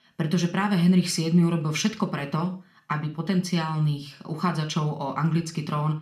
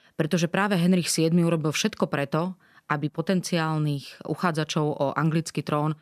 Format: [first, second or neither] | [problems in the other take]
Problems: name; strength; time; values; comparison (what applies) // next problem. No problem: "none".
second | room echo; very slight; dies away in 0.4 s